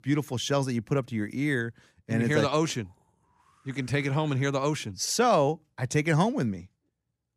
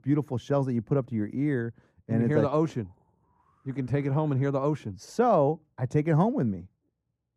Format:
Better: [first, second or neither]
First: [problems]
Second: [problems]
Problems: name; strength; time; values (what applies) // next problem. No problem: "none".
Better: first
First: none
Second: muffled; very; fading above 1.5 kHz